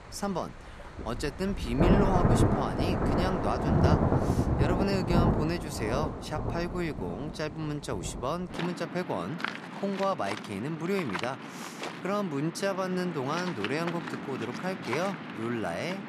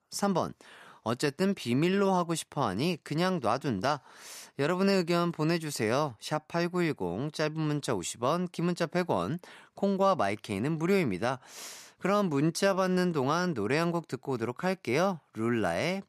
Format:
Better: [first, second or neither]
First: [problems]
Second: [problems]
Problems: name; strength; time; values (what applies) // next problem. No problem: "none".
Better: second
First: rain or running water; very loud; throughout; 2 dB above the speech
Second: none